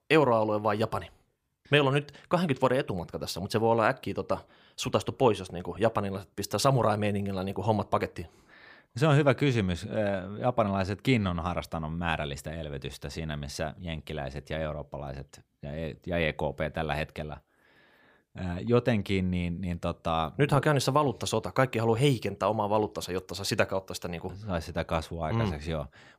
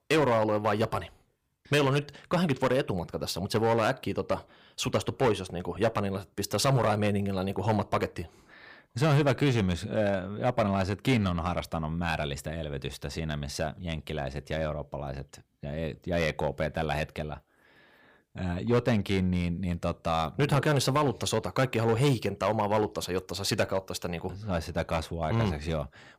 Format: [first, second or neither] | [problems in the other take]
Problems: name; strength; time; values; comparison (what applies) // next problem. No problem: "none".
first | distortion; slight; 4% of the sound clipped